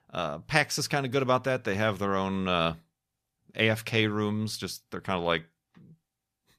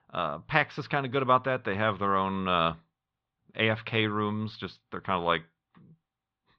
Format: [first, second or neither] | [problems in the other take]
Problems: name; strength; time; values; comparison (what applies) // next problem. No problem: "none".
first | muffled; very; fading above 3.5 kHz